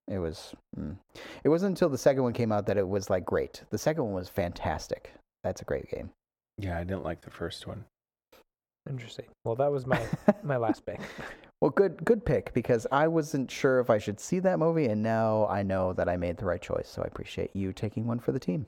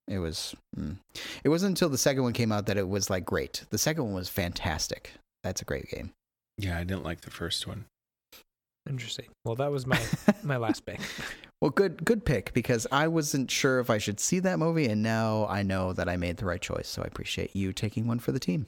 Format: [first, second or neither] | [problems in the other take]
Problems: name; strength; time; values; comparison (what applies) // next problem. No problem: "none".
second | muffled; slightly; fading above 2 kHz